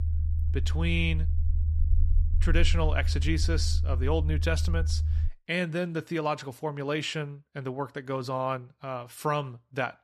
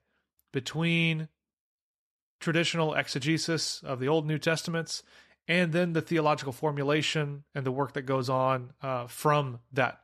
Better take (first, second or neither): second